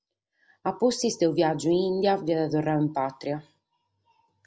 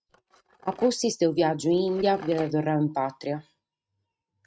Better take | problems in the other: first | noise reduction (neural mask model RNNoise)

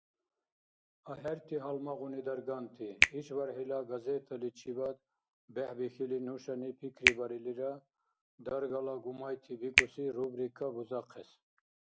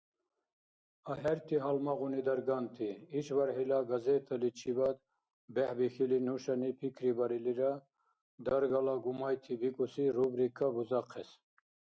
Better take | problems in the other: second | background sound (Finger snapping); 3 dB above the speech

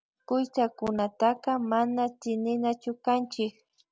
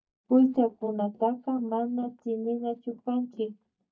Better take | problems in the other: first | noise reduction (neural mask model DeepFilterNet 3)

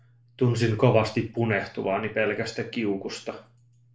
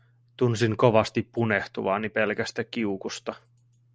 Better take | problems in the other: second | room echo; dies away in 0.4 s

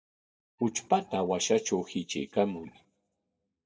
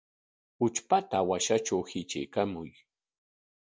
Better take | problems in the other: second | noise reduction (neural mask model DeepFilterNet 3)

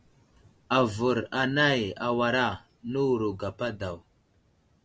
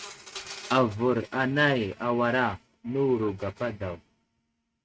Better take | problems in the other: first | noise reduction (neural mask model RNNoise)

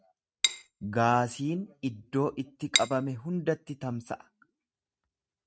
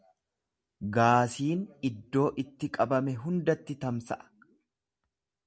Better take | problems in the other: second | noise reduction (neural mask model RNNoise)

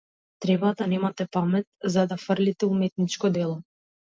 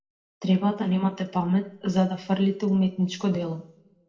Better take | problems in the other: first | room echo; dies away in 0.6 s

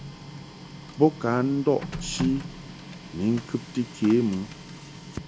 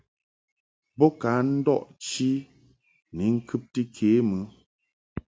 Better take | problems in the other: second | background sound (Printer); 11 dB below the speech

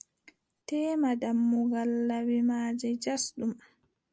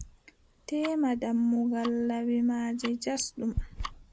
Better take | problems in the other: first | background sound (Tick-tock); 12 dB below the speech

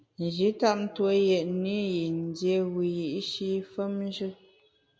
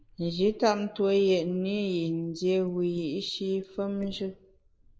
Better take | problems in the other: first | noise reduction (neural mask model Resemble Enhance denoiser)

